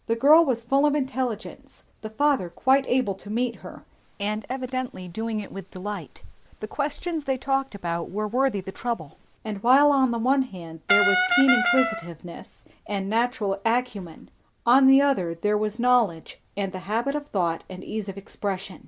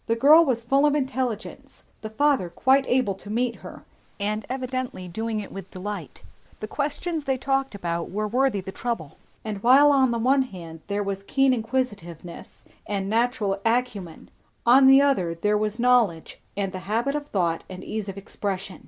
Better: second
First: background sound (Brass instrument); 3 dB above the speech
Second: none

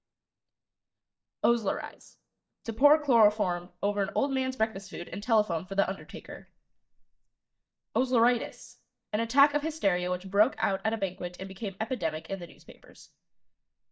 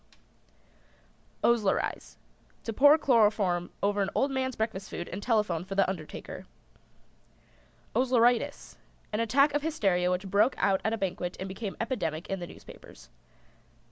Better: second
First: noise reduction (neural mask model DeepFilterNet 3)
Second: none

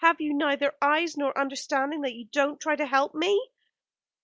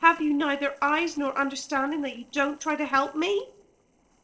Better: first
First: none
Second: noise reduction (neural separator model SepFormer DNS4)

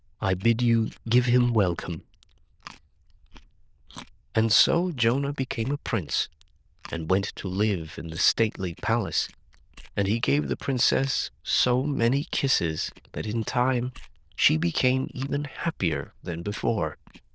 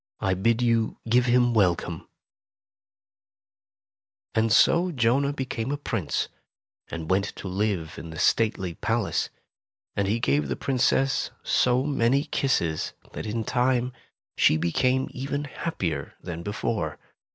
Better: second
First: noise reduction (neural diffusion model UNIVERSE++)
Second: none

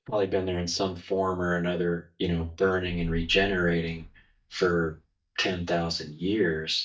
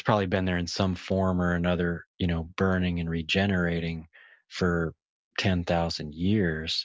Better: second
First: noise reduction (neural mask model DeepFilterNet 3)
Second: none

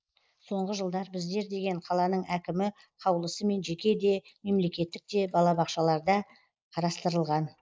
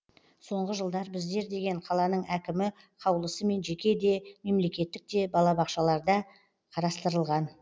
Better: second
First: noise reduction (neural mask model Resemble Enhance denoiser)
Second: none

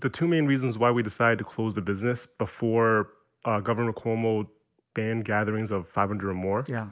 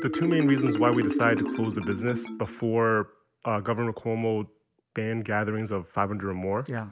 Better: first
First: none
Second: background sound (Marimba, xylophone); 5 dB below the speech

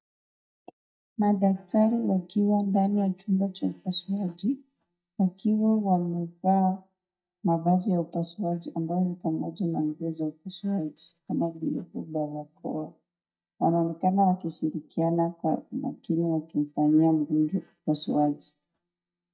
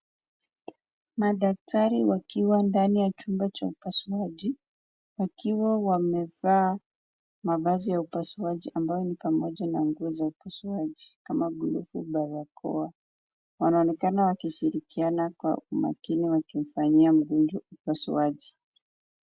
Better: second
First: noise reduction (neural mask model DeepFilterNet 3)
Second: none

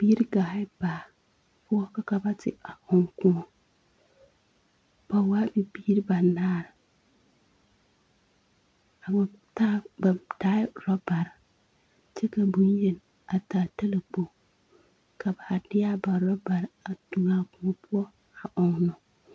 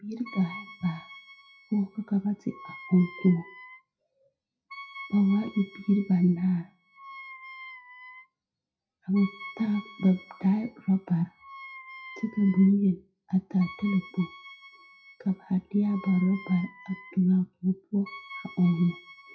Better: first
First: none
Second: noise reduction (classical method WPE with log-MMSE)

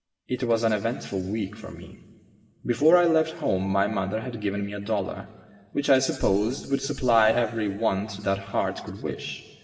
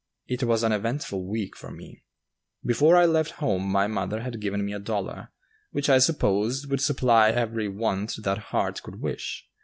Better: second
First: room echo; dies away in 2.8 s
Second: none

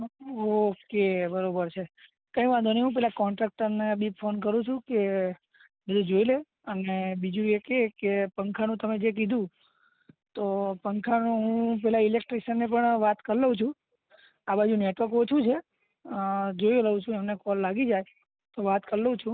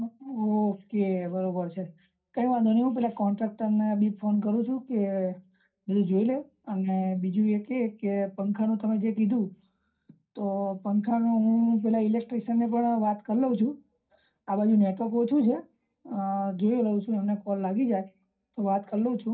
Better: first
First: none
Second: room echo; dies away in 0.3 s

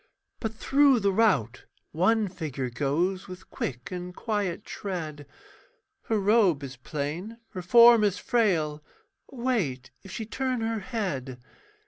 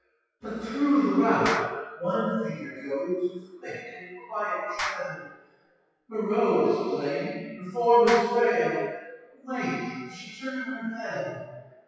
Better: first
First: none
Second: noise reduction (classical method WPE with log-MMSE)

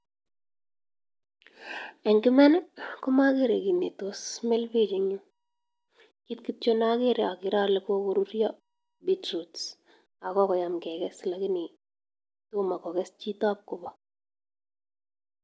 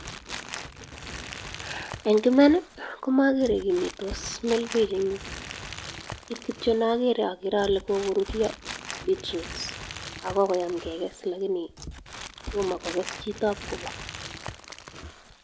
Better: first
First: none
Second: background sound (Crumpling, crinkling); 12 dB below the speech

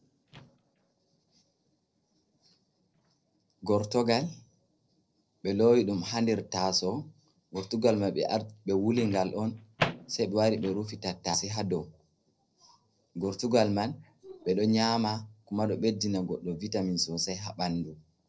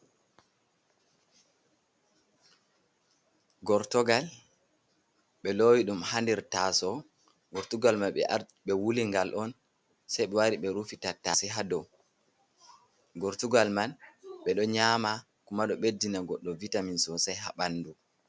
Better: second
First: noise reduction (neural separator model SepFormer DNS4)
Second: none

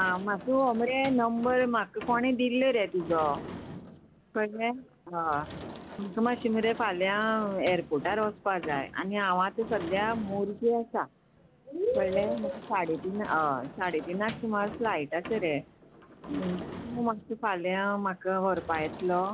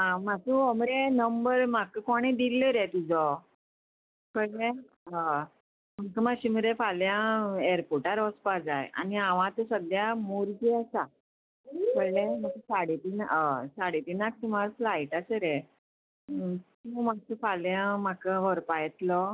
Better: second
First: background sound (Sliding door / Slam); 14 dB below the speech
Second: none

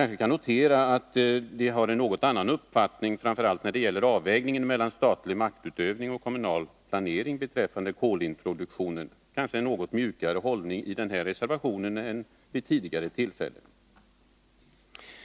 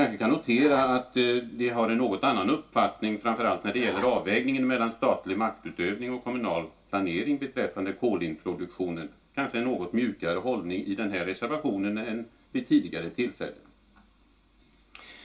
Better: first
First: none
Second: background sound (Zipper (clothing)); 12 dB below the speech // room echo; dies away in 0.2 s

